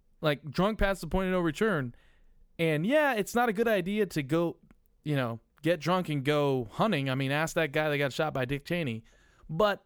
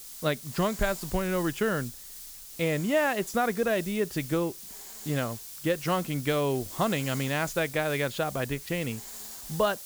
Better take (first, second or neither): first